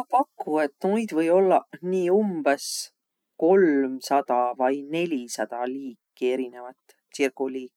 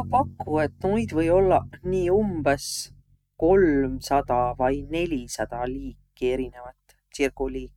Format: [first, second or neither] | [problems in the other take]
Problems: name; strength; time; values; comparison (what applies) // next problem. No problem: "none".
first | noise reduction (neural mask model RNNoise)